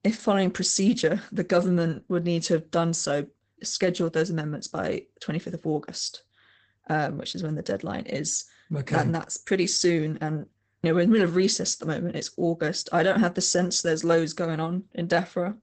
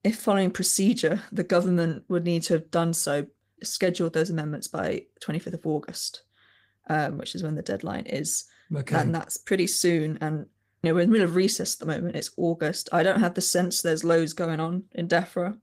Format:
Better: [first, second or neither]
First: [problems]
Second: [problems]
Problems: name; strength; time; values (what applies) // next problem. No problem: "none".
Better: second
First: garbled, watery; badly; nothing above 8 kHz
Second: garbled, watery; slightly; nothing above 15.5 kHz